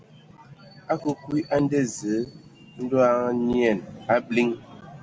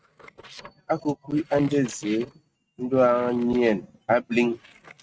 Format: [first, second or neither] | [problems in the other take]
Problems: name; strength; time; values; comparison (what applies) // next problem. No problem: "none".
first | noise reduction (neural mask model RNNoise)